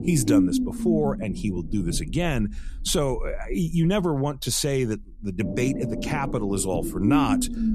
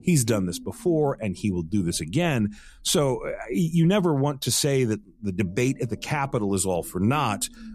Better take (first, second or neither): second